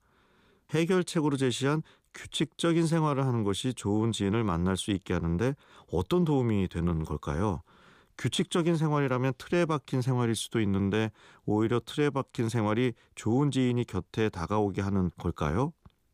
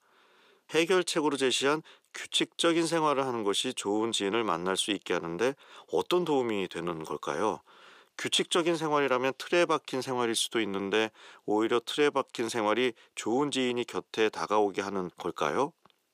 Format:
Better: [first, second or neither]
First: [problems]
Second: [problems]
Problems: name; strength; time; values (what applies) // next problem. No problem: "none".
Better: first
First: none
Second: thin; somewhat; fading below 450 Hz